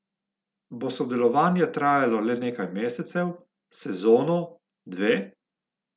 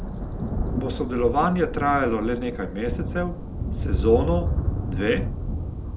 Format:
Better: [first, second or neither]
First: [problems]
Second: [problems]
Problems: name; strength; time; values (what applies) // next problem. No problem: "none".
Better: first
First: none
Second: background sound (Thunder); 1 dB below the speech